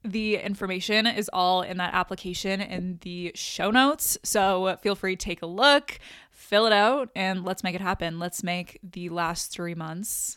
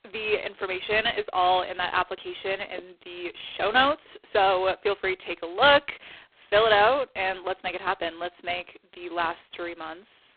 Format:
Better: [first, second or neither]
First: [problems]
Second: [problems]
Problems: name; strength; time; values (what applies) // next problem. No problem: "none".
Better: first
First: none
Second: phone-call audio; poor line; nothing above 3.5 kHz